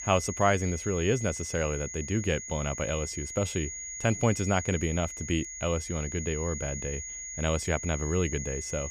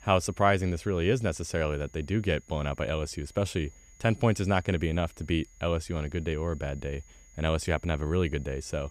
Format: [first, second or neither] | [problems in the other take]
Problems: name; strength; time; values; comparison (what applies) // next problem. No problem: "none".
second | high-pitched whine; loud; throughout; 6.5 kHz, 6 dB below the speech; faint in the second